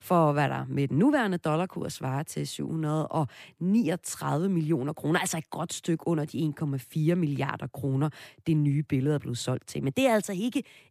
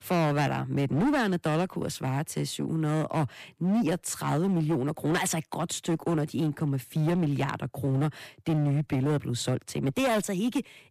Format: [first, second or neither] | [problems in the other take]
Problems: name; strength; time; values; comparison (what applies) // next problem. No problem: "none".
first | distortion; slight; 14% of the sound clipped